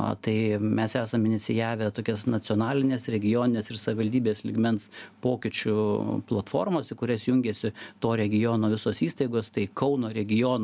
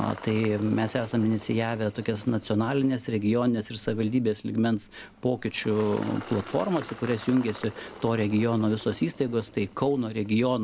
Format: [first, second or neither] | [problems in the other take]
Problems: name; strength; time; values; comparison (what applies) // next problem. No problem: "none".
first | background sound (Engine); 19 dB below the speech